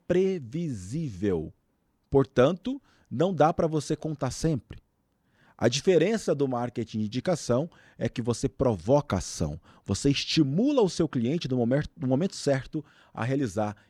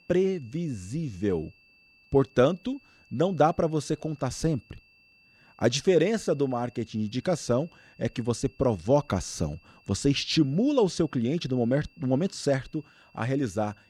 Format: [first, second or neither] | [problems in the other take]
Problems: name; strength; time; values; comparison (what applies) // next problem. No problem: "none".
first | high-pitched whine; faint; throughout; 2.5 kHz, 30 dB below the speech